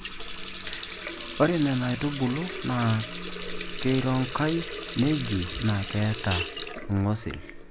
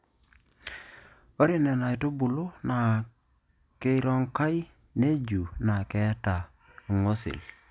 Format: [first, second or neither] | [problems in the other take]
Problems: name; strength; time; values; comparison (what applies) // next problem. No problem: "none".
second | background sound (Water tap, faucet); 7 dB below the speech